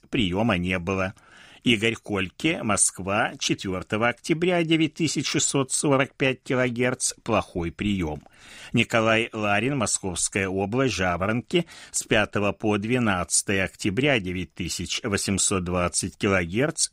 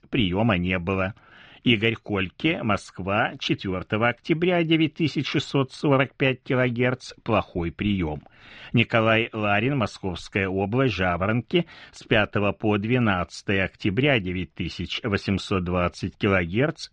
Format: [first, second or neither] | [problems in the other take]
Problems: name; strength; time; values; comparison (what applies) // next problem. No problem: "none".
first | muffled; slightly; fading above 4 kHz